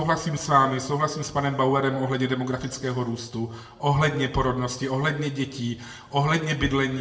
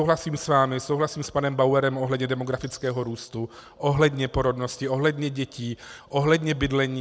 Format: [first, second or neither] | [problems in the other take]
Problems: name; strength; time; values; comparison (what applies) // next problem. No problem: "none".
second | room echo; dies away in 0.8 s